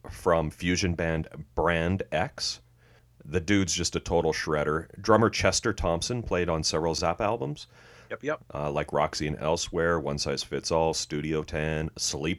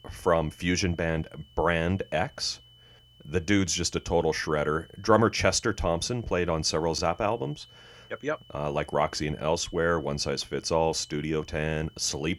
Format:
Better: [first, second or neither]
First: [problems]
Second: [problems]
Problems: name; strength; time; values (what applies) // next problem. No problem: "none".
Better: first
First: none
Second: high-pitched whine; faint; throughout; 3 kHz, 25 dB below the speech